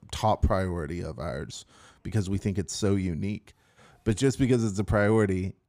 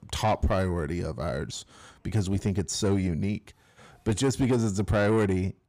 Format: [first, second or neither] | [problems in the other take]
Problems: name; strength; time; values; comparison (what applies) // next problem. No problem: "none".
first | distortion; slight; 10 dB below the speech